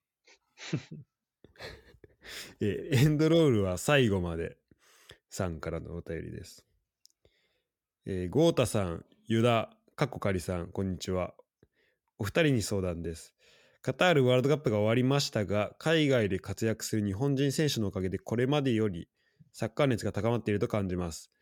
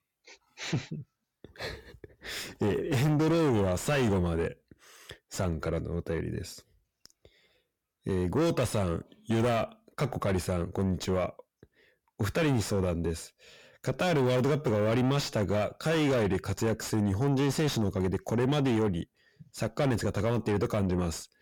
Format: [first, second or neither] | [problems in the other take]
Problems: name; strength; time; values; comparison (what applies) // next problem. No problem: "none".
first | distortion; heavy; 6 dB below the speech